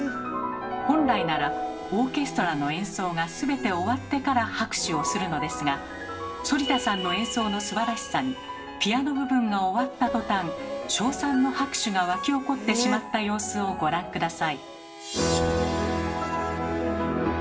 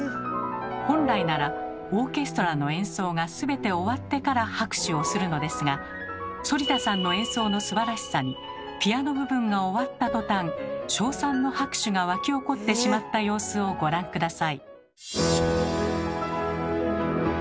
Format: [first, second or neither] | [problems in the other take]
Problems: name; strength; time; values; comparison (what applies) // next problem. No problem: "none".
second | background sound (Harmonica); 20 dB below the speech // room echo; dies away in 0.4 s